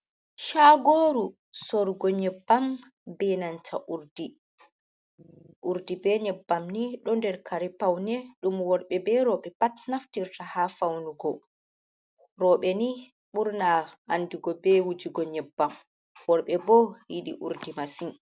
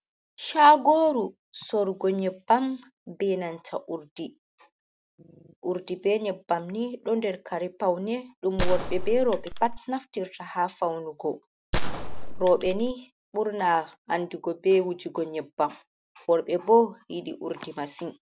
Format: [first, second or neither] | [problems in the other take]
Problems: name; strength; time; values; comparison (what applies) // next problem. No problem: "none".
first | background sound (Gunshot, gunfire); 2 dB above the speech